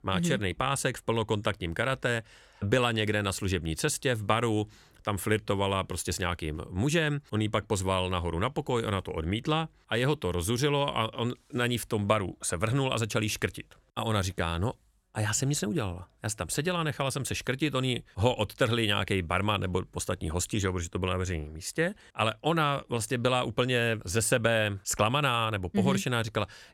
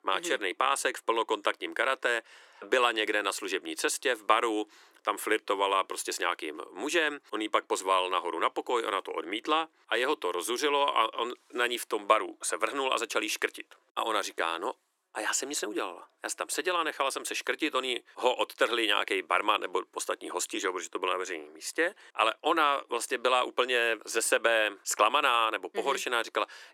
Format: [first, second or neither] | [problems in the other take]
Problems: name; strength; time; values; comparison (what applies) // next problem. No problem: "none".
first | thin; very; fading below 350 Hz